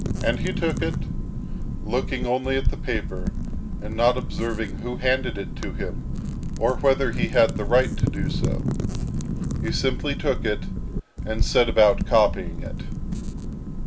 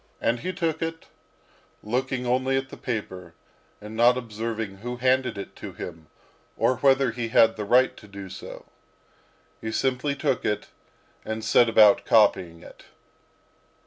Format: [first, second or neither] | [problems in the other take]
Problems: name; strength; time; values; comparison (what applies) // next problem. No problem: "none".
second | background sound (Wind / Fire); as loud as the speech